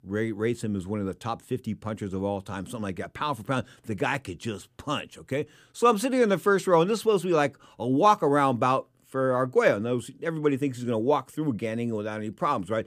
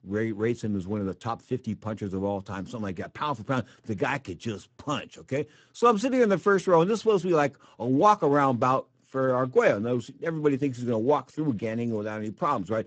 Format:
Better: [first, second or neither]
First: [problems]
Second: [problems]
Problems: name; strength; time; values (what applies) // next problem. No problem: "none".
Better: first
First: none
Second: garbled, watery; badly; nothing above 8 kHz